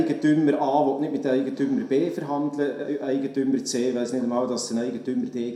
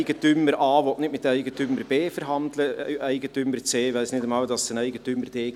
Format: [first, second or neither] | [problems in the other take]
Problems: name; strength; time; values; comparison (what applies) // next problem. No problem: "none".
second | room echo; dies away in 0.5 s